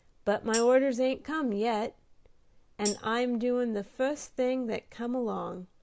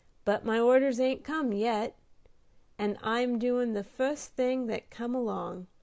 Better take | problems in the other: second | background sound (Tambourine); 12 dB below the speech

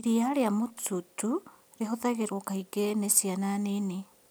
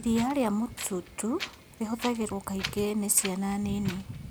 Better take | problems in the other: first | background sound (Wind); 11 dB below the speech

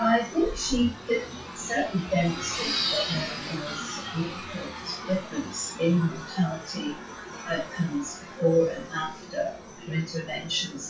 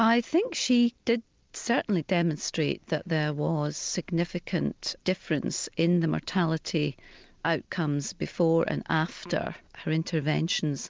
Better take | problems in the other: second | noise reduction (classical method WPE with log-MMSE)

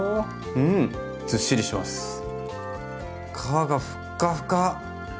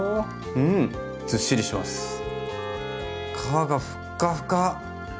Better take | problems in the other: first | background sound (Bowed string instrument); 11 dB below the speech

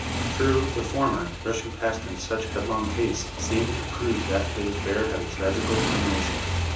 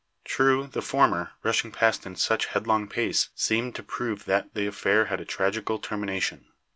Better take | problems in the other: second | background sound (Motorcycle); 1 dB below the speech // room echo; dies away in 0.7 s

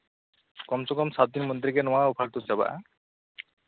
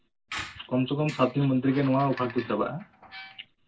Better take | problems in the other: first | background sound (Squeak); 15 dB below the speech // room echo; dies away in 0.2 s

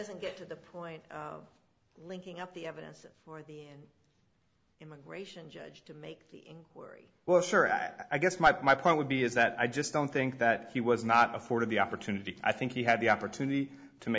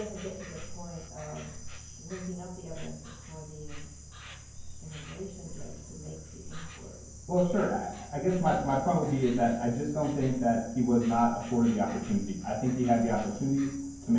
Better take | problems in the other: first | background sound (Insect); 13 dB below the speech // room echo; dies away in 0.9 s

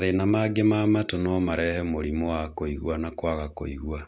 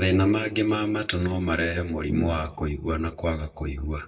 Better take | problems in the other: first | noise reduction (neural mask model DeepFilterNet 3)

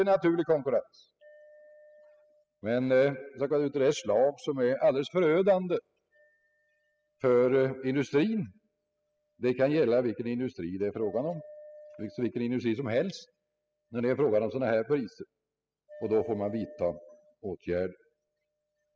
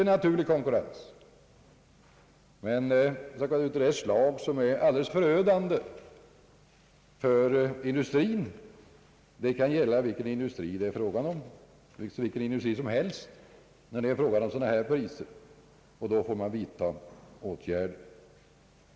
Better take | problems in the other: second | noise reduction (classical method spectral subtraction)

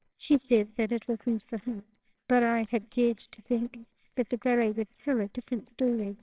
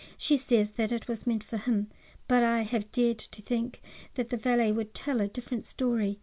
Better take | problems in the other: second | noise reduction (neural separator model SepFormer WHAMR!)

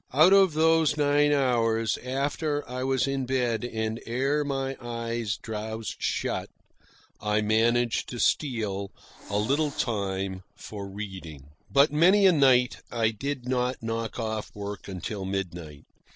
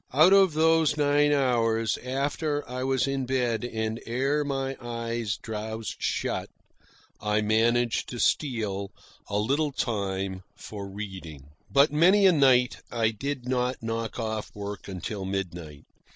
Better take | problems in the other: second | background sound (Hiss); 18 dB below the speech

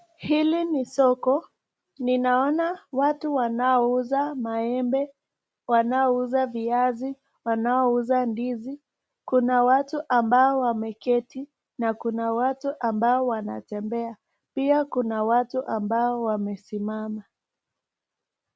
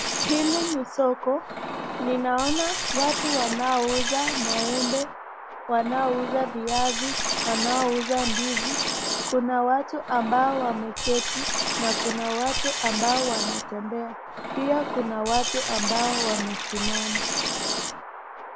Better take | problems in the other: first | background sound (Liquid); 2 dB below the speech

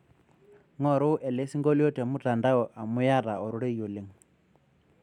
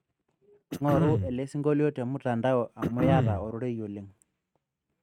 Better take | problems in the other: first | noise reduction (neural mask model RNNoise)

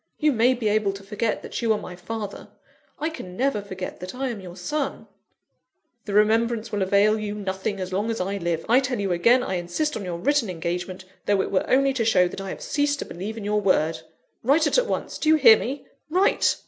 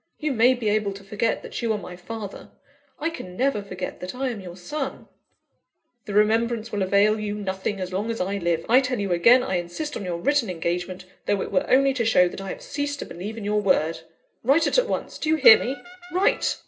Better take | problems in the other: first | background sound (Brass instrument); 18 dB below the speech // room echo; dies away in 0.2 s

